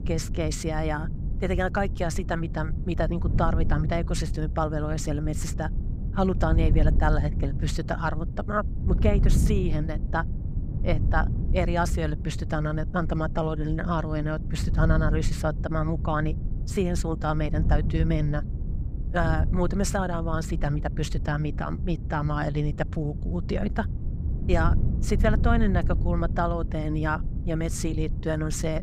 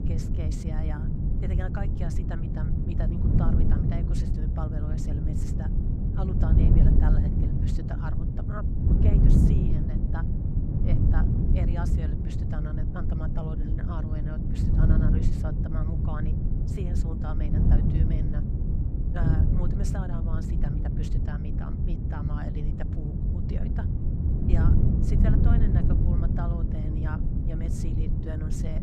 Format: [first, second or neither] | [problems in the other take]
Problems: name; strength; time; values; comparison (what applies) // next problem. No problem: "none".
first | wind noise on the microphone; heavy; 4 dB above the speech; occasional gusts in the first